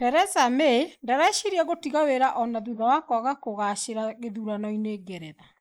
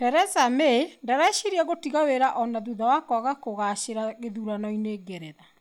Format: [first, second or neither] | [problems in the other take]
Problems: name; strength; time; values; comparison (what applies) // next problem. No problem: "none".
second | noise reduction (neural mask model Resemble Enhance denoiser)